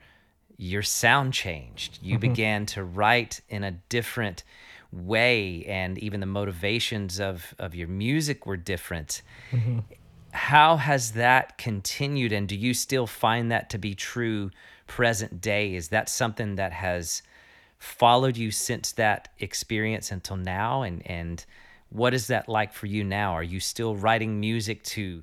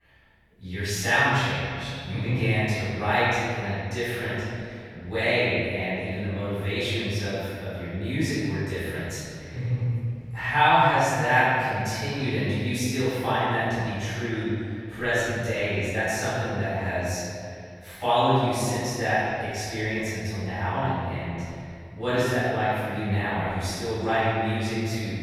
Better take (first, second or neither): first